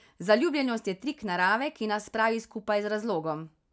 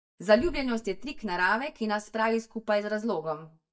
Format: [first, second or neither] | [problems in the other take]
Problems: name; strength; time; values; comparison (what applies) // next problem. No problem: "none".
first | noise reduction (neural mask model DeepFilterNet 3)